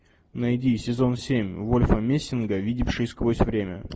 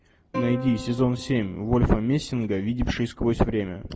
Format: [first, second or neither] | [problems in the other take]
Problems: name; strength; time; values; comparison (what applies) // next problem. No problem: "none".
first | background sound (Plucked string instrument); 12 dB below the speech